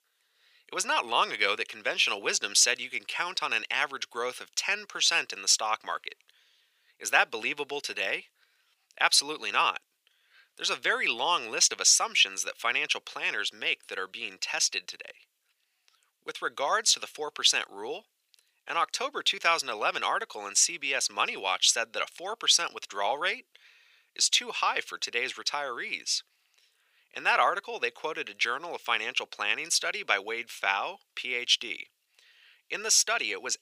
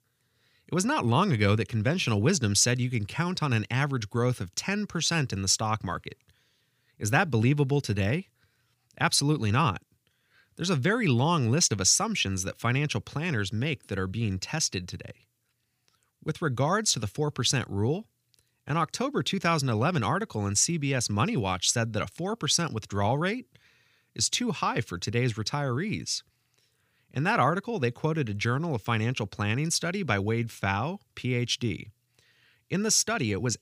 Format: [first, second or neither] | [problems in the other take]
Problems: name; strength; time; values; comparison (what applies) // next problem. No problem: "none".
second | thin; very; fading below 550 Hz